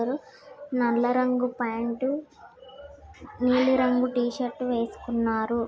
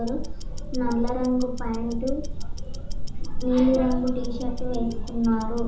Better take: first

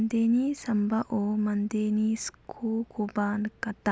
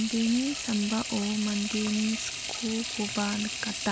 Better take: first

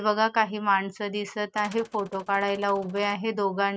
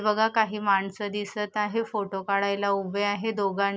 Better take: second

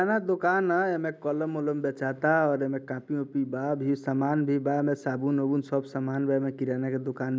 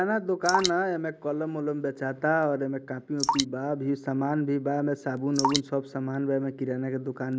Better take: first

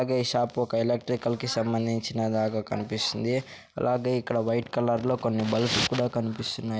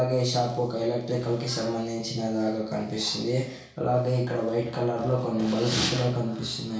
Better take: first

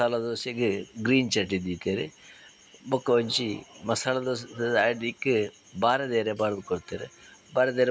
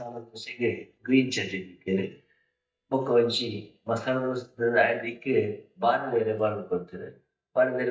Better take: first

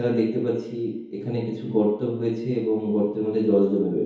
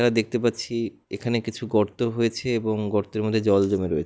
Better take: second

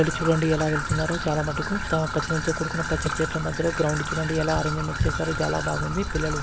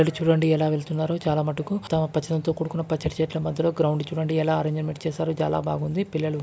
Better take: second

